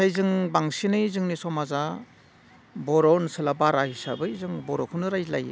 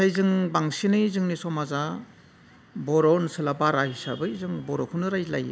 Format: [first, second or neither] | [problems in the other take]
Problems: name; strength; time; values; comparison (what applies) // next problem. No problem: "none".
first | room echo; dies away in 0.7 s